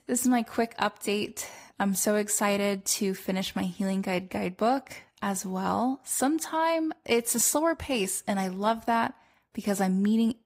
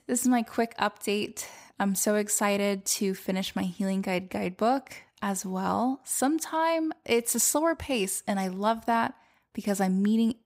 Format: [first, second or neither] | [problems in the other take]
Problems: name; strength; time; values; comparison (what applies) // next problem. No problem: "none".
second | garbled, watery; slightly; nothing above 15.5 kHz